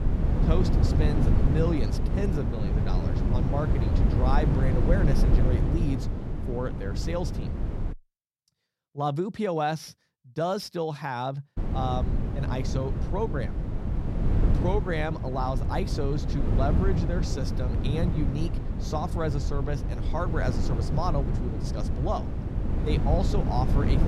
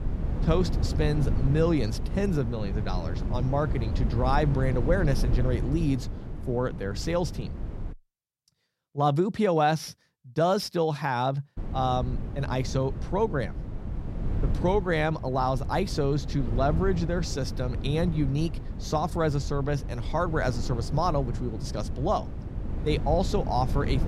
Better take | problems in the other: second | wind noise on the microphone; heavy; until 8 s and from 12 s on; 5 dB below the speech; occasional gusts in the second

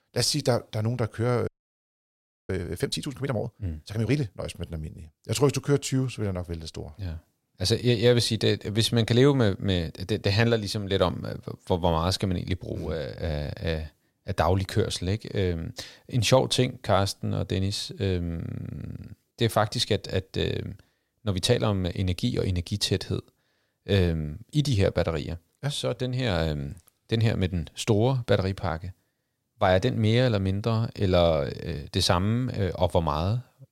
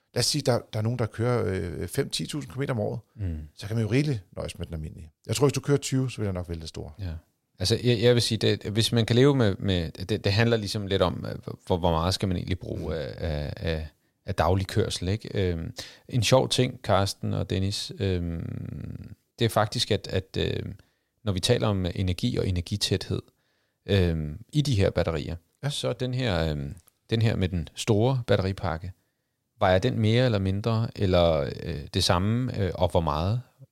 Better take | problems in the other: second | audio freezing; at 1.5 s for 1 s

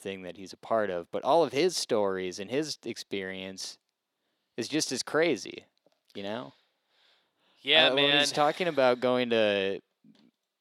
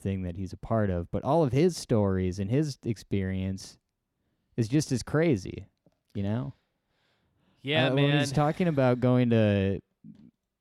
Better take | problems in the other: second | thin; somewhat; fading below 450 Hz

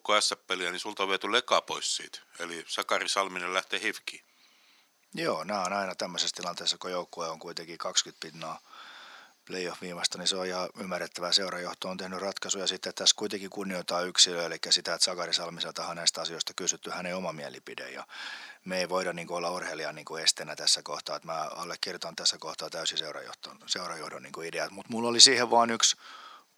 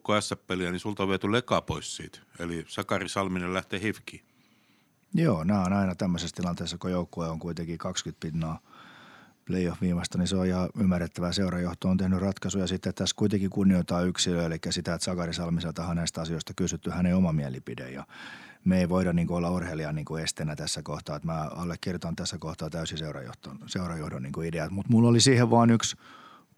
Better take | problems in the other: second | thin; very; fading below 550 Hz

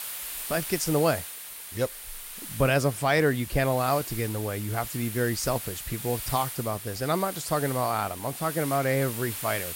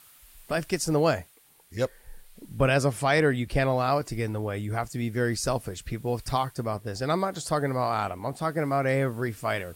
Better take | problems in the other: second | hiss; loud; throughout; 8 dB below the speech; faint in the second

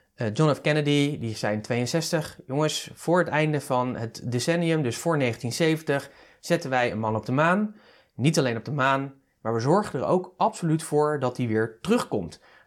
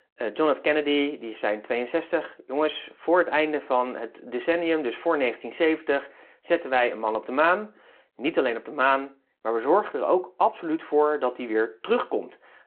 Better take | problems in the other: first | phone-call audio

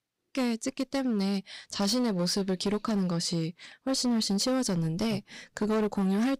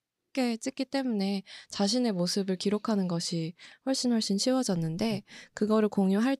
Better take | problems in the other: second | distortion; slight; 13% of the sound clipped

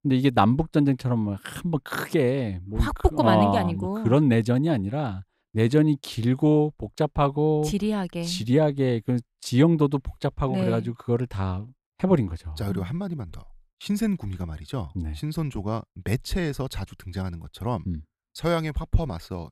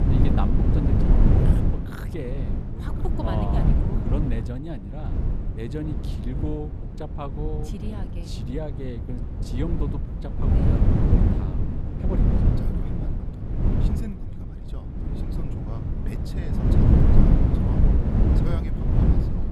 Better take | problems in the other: first | wind noise on the microphone; heavy; 4 dB above the speech

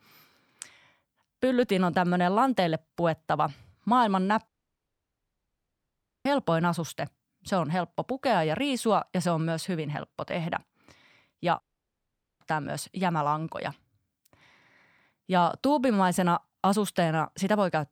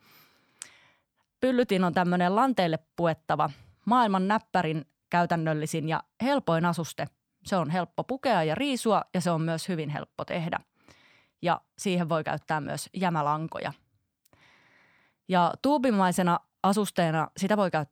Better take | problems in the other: second | audio cutting out; at 4.5 s for 2 s and at 12 s for 1 s

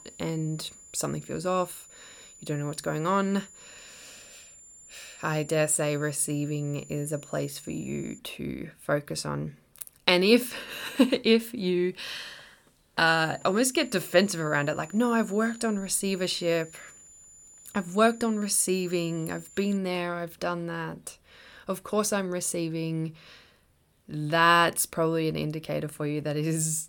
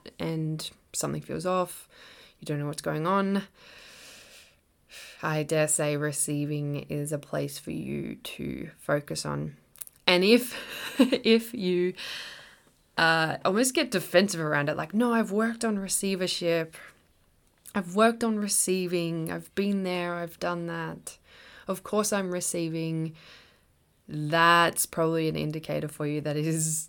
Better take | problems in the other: second | high-pitched whine; faint; until 8 s and from 13 to 20 s; 7 kHz, 20 dB below the speech

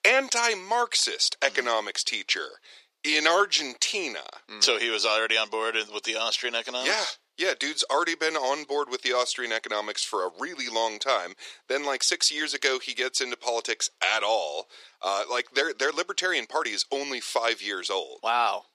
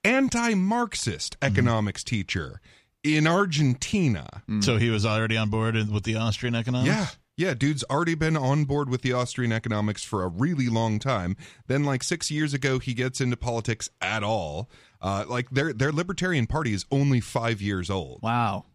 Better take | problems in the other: second | thin; very; fading below 400 Hz

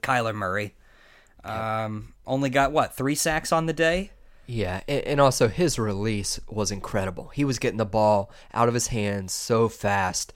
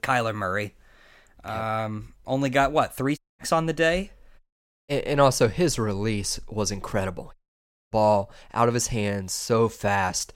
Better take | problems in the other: first | audio cutting out; at 3 s, at 4.5 s and at 7.5 s for 0.5 s

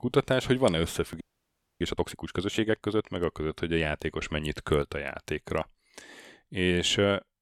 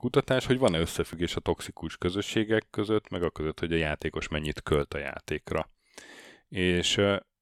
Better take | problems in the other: second | audio freezing; at 1 s for 0.5 s

